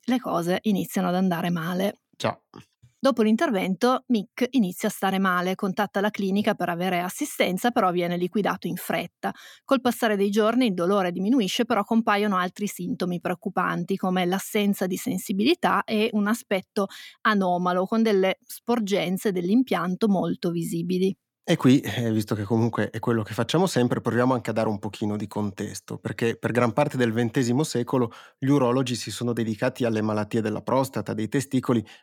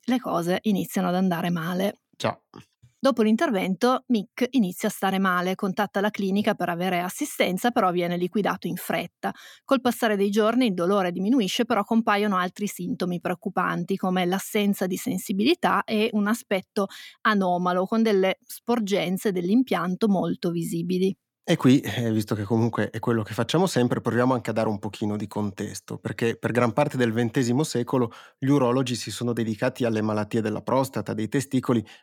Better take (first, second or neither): neither